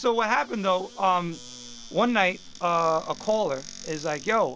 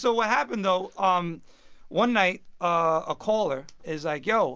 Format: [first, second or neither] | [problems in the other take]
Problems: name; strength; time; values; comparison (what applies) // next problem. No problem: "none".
second | background sound (Squeak / Cupboard open or close); 20 dB below the speech